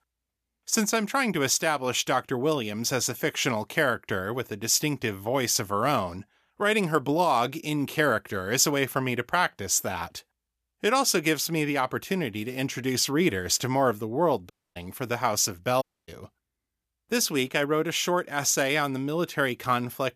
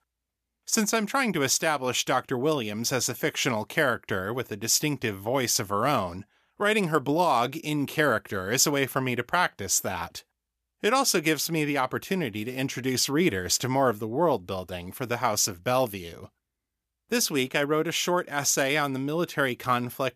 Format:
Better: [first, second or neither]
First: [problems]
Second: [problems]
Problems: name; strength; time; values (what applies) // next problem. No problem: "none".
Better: second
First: audio cutting out; at 15 s and at 16 s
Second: none